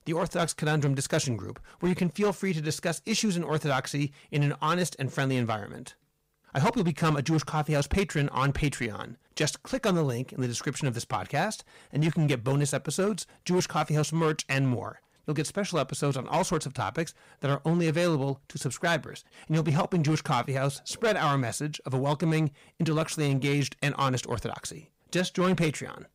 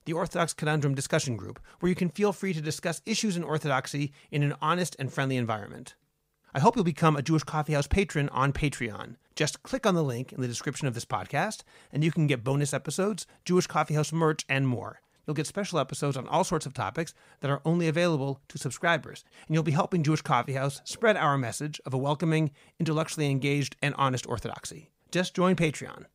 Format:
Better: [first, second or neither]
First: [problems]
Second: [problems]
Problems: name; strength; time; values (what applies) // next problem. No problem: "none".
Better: second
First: distortion; slight; 6% of the sound clipped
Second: none